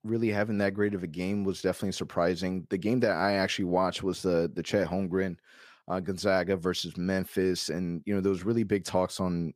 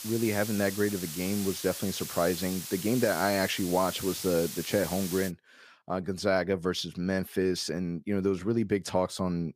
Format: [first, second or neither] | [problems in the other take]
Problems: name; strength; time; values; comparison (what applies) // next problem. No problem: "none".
first | hiss; loud; until 5.5 s; 7 dB below the speech